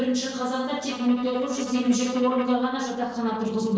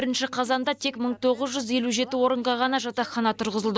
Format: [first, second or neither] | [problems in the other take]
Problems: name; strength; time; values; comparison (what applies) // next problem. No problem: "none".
second | noise reduction (neural separator model SepFormer DNS4)